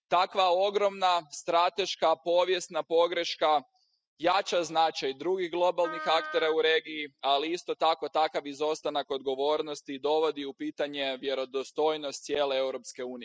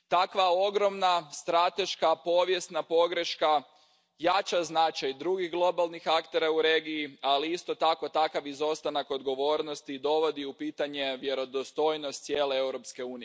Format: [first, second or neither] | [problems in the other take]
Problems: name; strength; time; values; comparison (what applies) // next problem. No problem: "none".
second | noise reduction (classical method spectral subtraction)